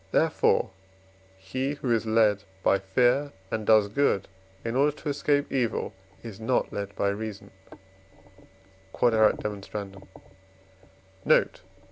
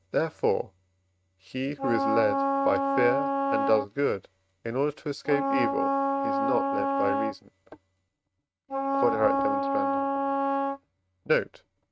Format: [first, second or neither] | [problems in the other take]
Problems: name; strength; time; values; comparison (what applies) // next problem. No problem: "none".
first | noise reduction (neural mask model RNNoise)